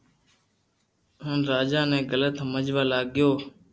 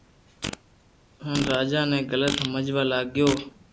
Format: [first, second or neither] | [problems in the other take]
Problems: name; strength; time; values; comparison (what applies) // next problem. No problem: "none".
first | background sound (Fart); 9 dB below the speech